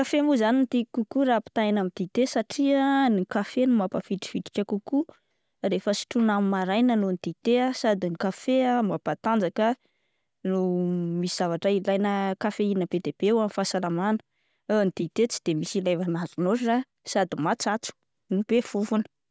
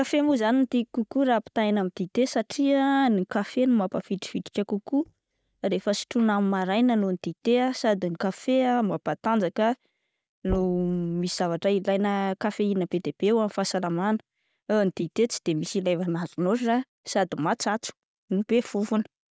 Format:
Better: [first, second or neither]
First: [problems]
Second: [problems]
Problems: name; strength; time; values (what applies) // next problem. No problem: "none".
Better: first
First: none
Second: noise reduction (neural mask model DeepFilterNet 3)